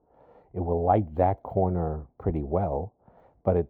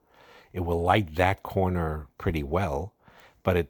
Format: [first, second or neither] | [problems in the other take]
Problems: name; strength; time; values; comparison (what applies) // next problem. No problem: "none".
second | muffled; very; fading above 1.5 kHz